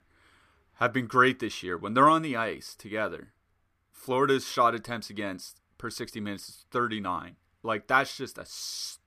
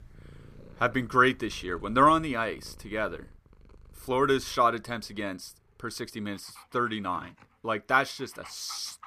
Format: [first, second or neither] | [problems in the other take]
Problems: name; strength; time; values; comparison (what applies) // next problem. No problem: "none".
first | animal sounds; faint; throughout; 25 dB below the speech